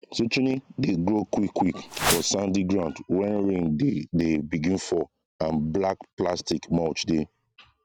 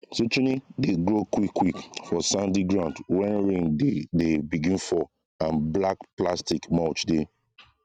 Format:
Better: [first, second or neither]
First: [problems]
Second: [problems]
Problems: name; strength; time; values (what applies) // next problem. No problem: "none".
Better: second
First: background sound (Whoosh, swoosh, swish); as loud as the speech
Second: none